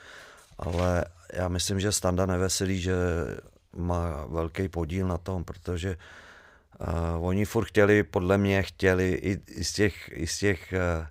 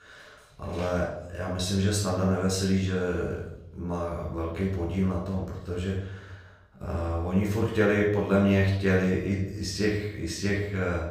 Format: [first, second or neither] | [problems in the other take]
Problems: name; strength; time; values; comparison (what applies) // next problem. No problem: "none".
first | off-mic speech; far // room echo; noticeable; dies away in 0.7 s